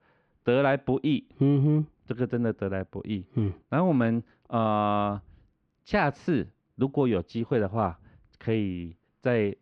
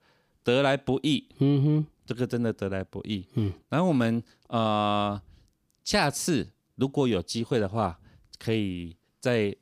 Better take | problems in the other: second | muffled; very; fading above 2.5 kHz

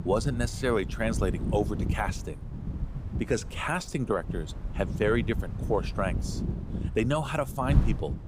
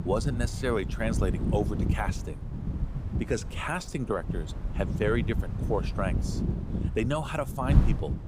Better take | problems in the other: first | wind noise on the microphone; heavy; 9 dB below the speech; occasional gusts in the first

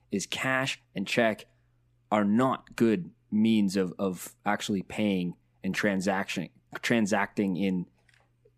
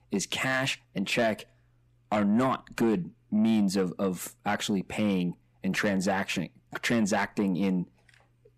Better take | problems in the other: first | distortion; slight; 10 dB below the speech

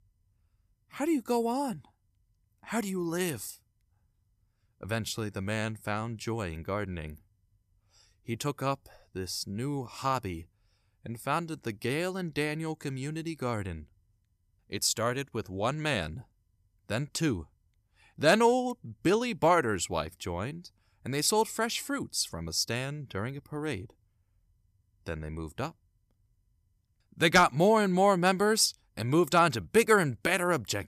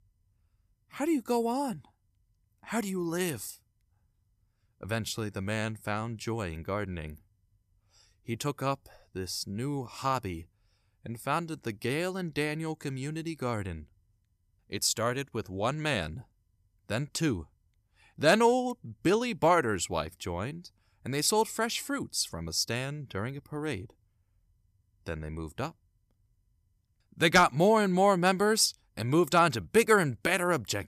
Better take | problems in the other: neither | none

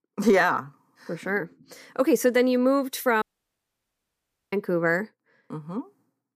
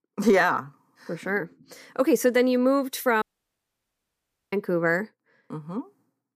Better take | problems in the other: neither | audio cutting out; at 3 s for 1.5 s; the same in both

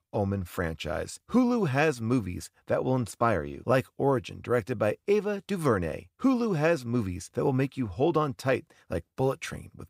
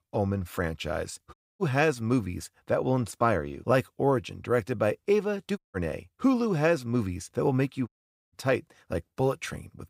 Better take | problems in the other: first | audio cutting out; at 1.5 s, at 5.5 s and at 8 s

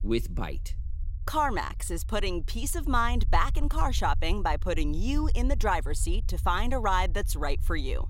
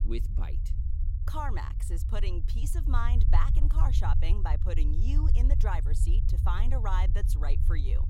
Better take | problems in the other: first | low rumble; loud; throughout; 9 dB below the speech; faint in the first

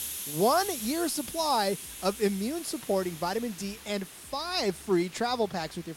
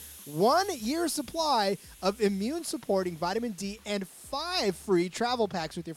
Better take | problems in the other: second | hiss; loud; throughout; 10 dB below the speech; faint in the second

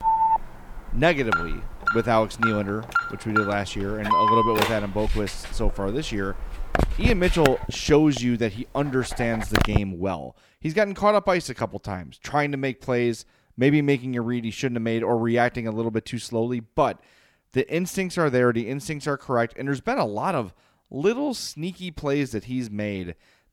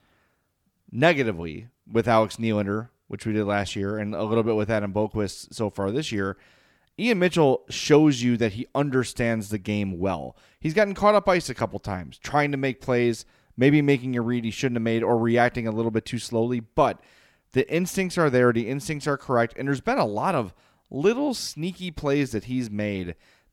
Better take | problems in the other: second | alarm; loud; until 10 s; peak 6 dB above the speech

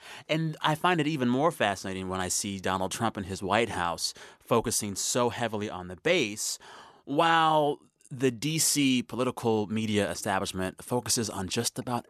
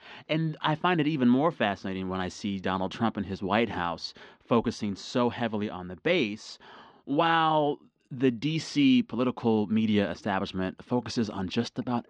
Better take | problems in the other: first | muffled; slightly; fading above 4.5 kHz

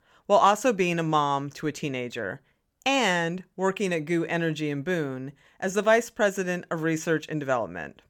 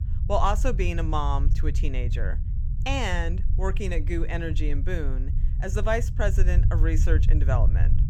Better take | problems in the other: first | low rumble; noticeable; throughout; 15 dB below the speech

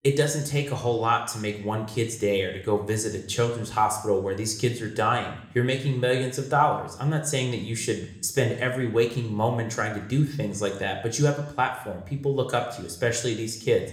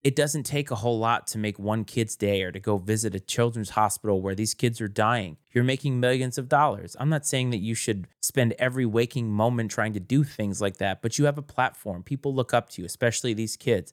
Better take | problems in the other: second | room echo; slight; dies away in 0.7 s

